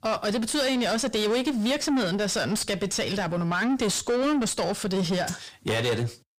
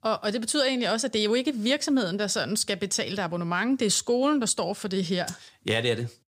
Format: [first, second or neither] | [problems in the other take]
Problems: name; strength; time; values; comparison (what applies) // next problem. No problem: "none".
second | distortion; heavy; 7 dB below the speech